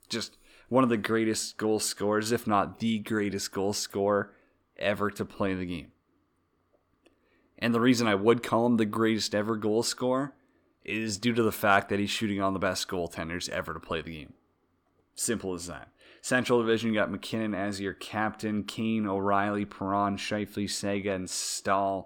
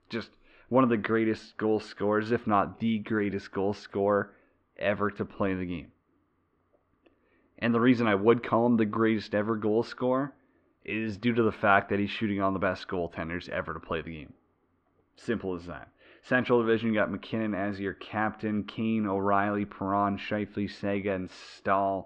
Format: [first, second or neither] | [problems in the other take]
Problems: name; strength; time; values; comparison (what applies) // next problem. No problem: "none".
first | muffled; very; fading above 3 kHz